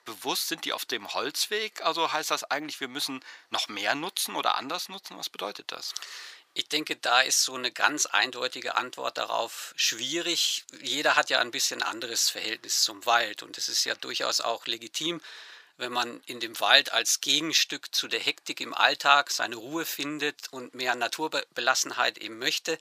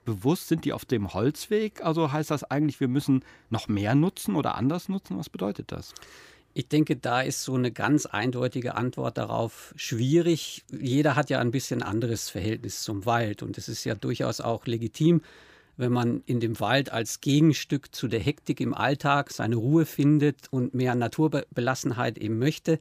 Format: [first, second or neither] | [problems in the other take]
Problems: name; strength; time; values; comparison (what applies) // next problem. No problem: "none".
second | thin; very; fading below 900 Hz